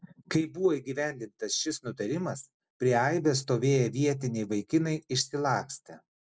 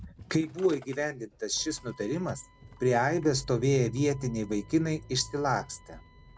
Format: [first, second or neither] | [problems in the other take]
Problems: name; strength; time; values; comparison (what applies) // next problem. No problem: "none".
first | background sound (Slam / Engine starting); 18 dB below the speech